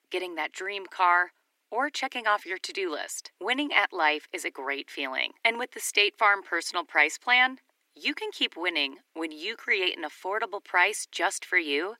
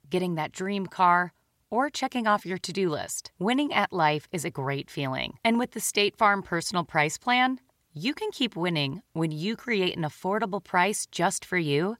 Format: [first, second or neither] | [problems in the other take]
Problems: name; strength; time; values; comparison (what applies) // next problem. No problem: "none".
second | thin; somewhat; fading below 300 Hz